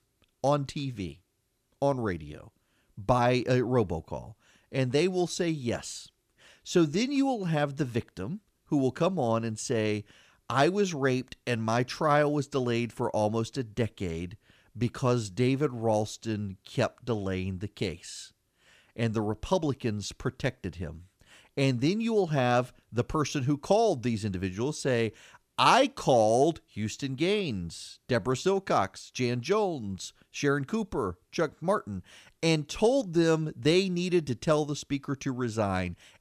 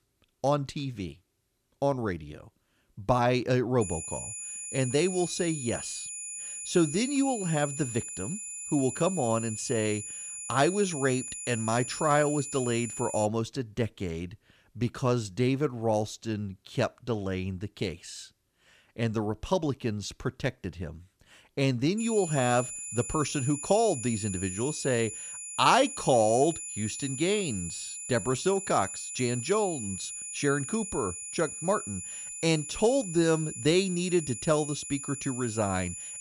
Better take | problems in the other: first | high-pitched whine; loud; from 4 to 13 s and from 22 s on; 7 kHz, 7 dB below the speech

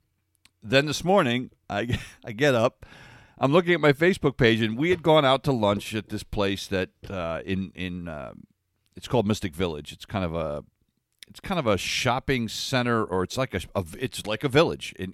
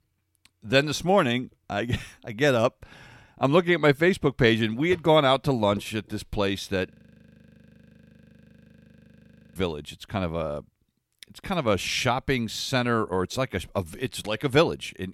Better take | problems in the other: first | audio freezing; at 7 s for 2.5 s

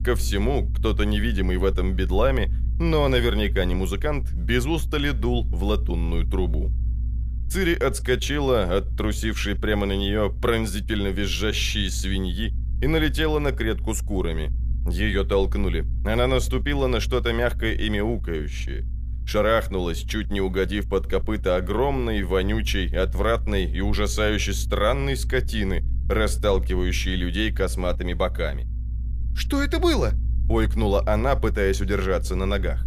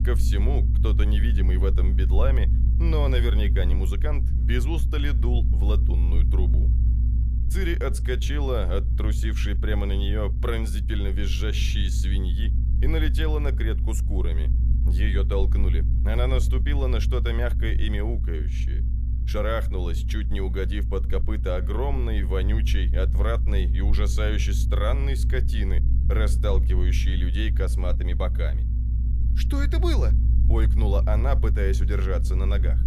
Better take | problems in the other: first | low rumble; loud; throughout; 9 dB below the speech; faint in the first

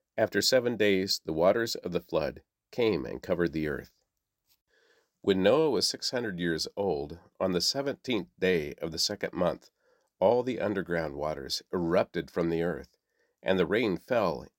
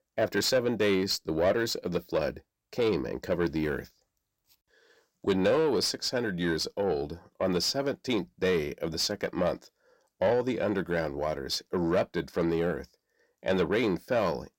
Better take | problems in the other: first | distortion; slight; 10 dB below the speech

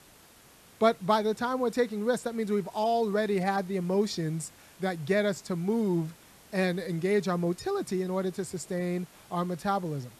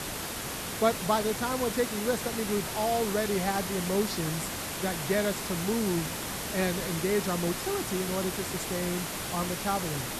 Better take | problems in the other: first | hiss; loud; throughout; 2 dB below the speech; faint in the first

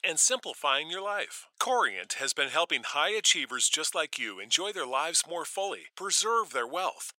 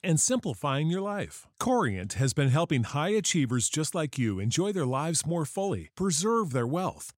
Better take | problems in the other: second | thin; very; fading below 550 Hz

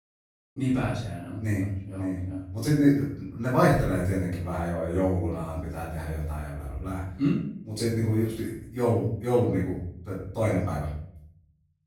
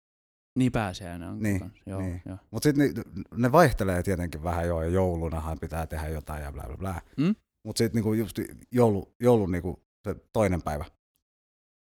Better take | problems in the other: second | off-mic speech; far // room echo; noticeable; dies away in 0.6 s

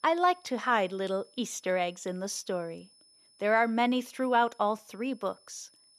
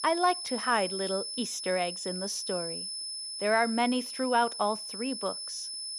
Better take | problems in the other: first | high-pitched whine; loud; throughout; 5 kHz, 5 dB below the speech; faint in the first

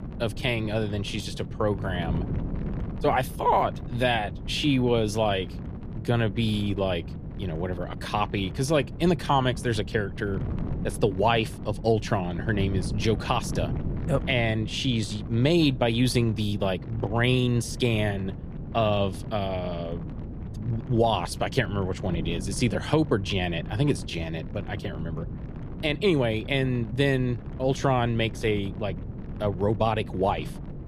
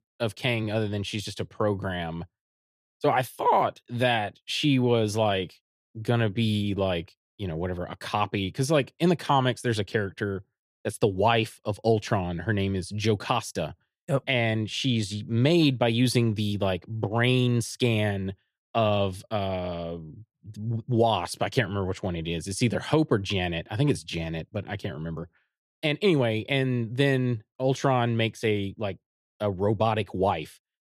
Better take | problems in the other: second | wind noise on the microphone; occasional gusts; 15 dB below the speech

